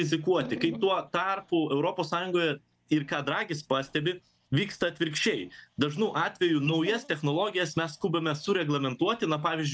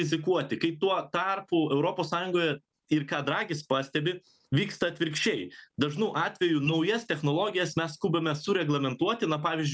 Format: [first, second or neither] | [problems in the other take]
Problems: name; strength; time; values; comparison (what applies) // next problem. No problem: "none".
second | noise reduction (neural mask model DeepFilterNet 3)